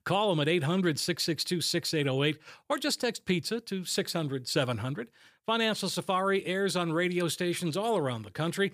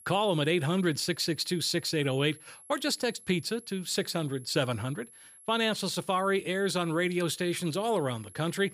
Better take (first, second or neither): first